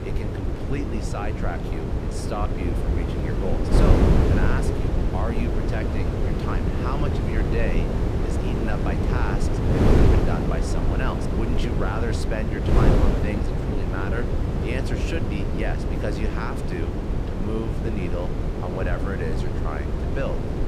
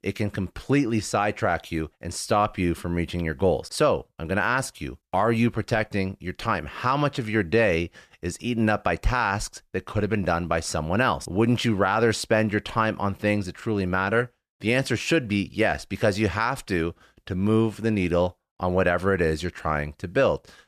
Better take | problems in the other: second | wind noise on the microphone; heavy; 2 dB above the speech

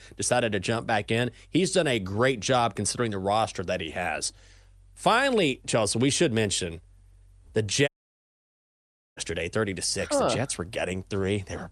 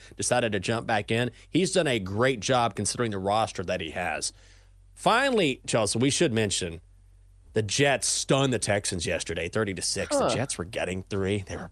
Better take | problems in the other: second | audio cutting out; at 8 s for 1.5 s

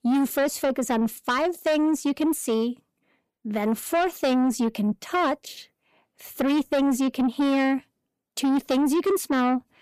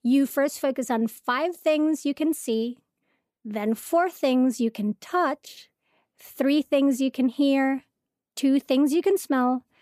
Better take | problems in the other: second | distortion; slight; 10 dB below the speech

